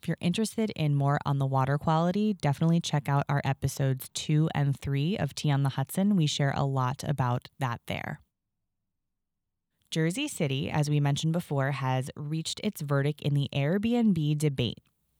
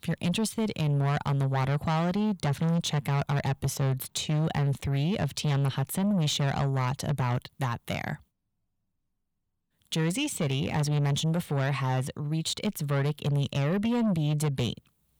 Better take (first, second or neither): first